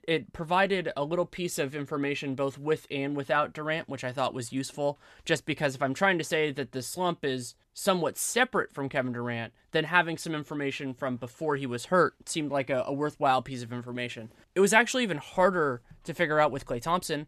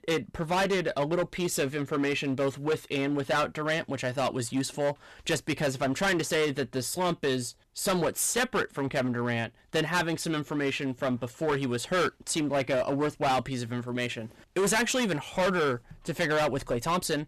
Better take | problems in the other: first | distortion; heavy; 13% of the sound clipped

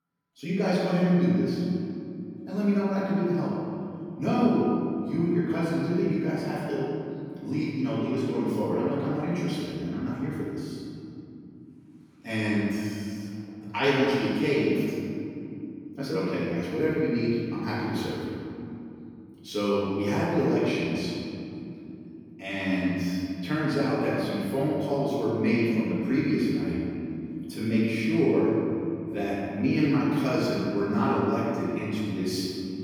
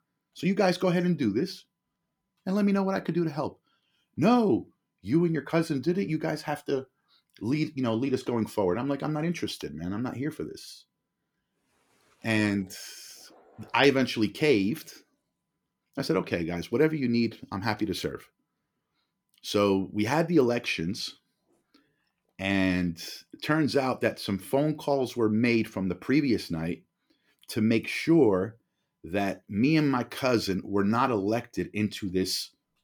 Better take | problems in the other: second | room echo; strong; dies away in 2.8 s // off-mic speech; far

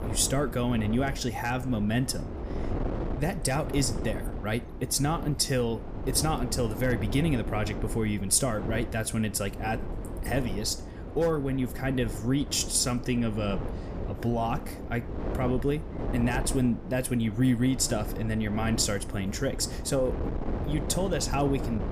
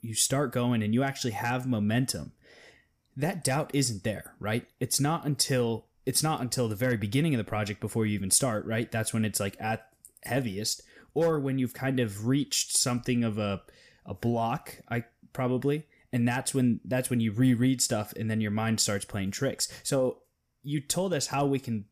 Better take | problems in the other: second | wind noise on the microphone; heavy; 10 dB below the speech

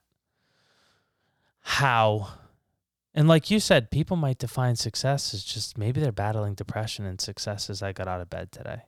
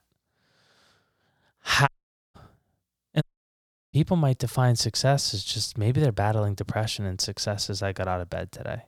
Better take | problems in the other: first | audio cutting out; at 2 s and at 3 s for 0.5 s

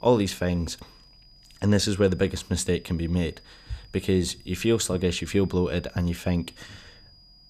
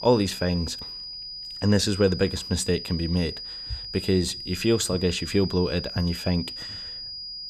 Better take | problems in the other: first | high-pitched whine; loud; throughout; 5 kHz, 8 dB below the speech; faint in the first

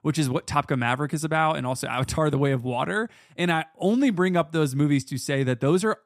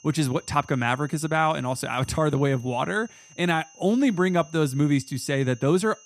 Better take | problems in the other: first | high-pitched whine; faint; throughout; 6.5 kHz, 25 dB below the speech

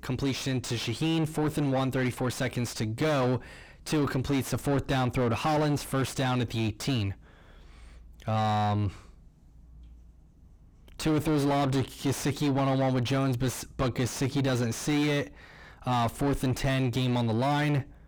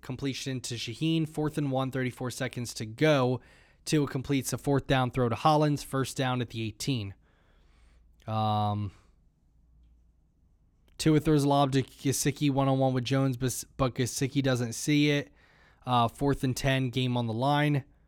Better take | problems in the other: second | distortion; heavy; 5 dB below the speech

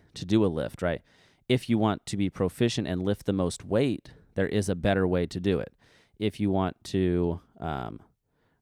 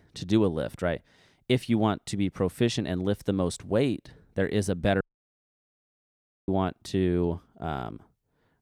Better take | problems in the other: first | audio cutting out; at 5 s for 1.5 s

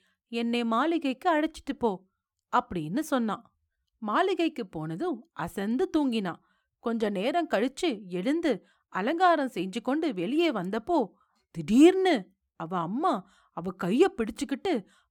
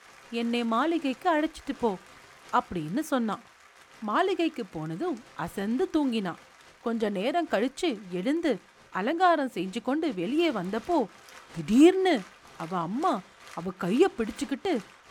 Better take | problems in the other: first | crowd noise; faint; throughout; 25 dB below the speech

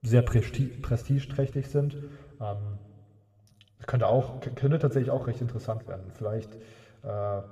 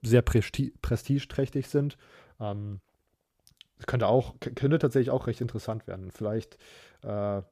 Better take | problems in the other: second | room echo; slight; dies away in 1.9 s

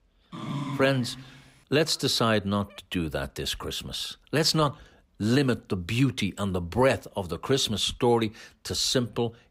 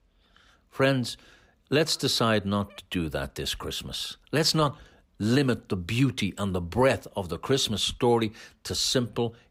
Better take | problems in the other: second | dog barking; noticeable; at 0.5 s; peak 6 dB below the speech

